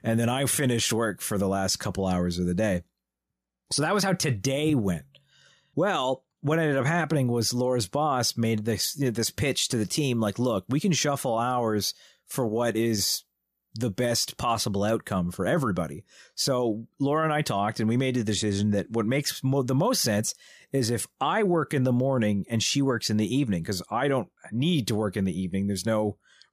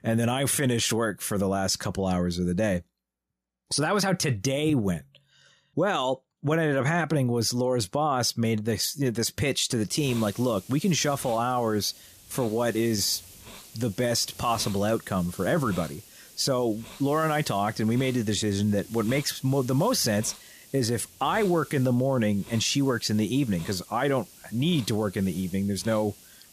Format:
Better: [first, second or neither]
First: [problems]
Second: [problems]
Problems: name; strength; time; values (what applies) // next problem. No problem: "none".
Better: first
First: none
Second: hiss; noticeable; from 10 s on; 20 dB below the speech